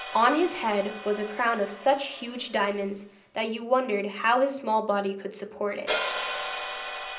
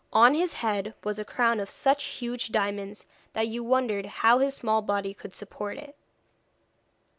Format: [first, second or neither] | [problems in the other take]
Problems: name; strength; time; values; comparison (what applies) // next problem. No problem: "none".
second | background sound (Hi-hat); 10 dB below the speech // room echo; dies away in 0.5 s